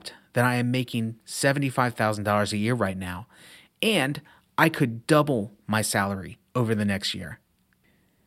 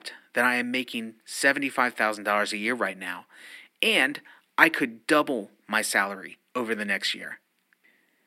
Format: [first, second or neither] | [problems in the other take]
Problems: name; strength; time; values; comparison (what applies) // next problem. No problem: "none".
first | thin; somewhat; fading below 250 Hz